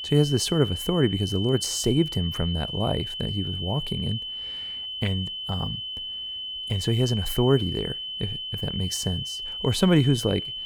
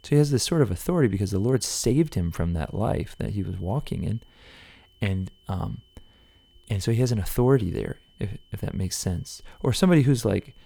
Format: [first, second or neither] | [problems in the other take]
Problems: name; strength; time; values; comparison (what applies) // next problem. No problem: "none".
second | high-pitched whine; loud; throughout; 3 kHz, 5 dB below the speech; faint in the second